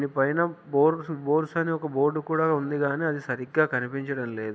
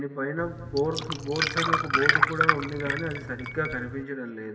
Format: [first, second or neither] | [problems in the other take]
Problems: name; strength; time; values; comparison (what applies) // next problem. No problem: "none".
first | background sound (Glass); 3 dB above the speech // room echo; dies away in 1.7 s